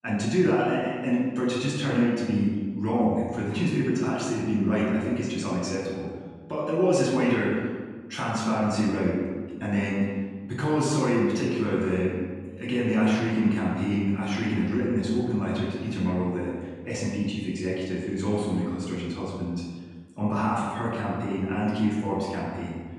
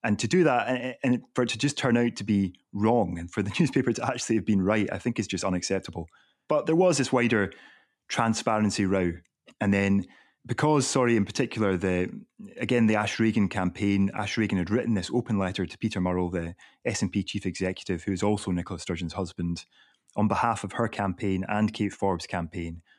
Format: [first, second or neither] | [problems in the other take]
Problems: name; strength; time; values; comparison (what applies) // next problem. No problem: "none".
second | room echo; noticeable; dies away in 1.4 s // off-mic speech; far